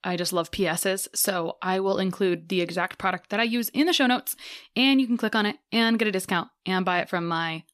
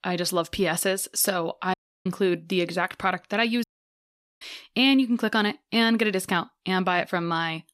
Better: first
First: none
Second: audio cutting out; at 1.5 s and at 3.5 s for 1 s

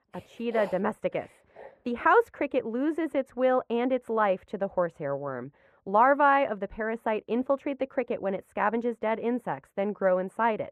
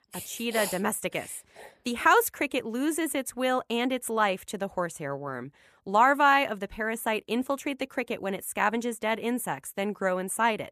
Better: second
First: muffled; very; fading above 4 kHz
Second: none

